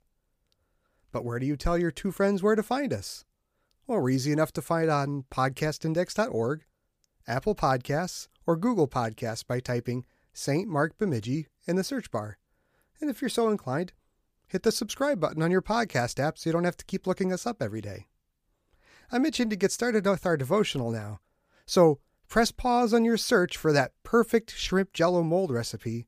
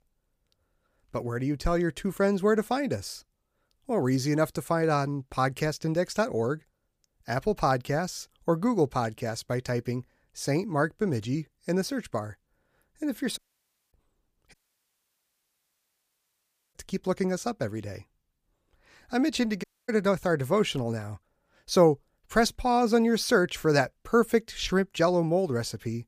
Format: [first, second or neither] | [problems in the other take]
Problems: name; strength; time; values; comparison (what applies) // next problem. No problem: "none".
first | audio cutting out; at 13 s for 0.5 s, at 15 s for 2 s and at 20 s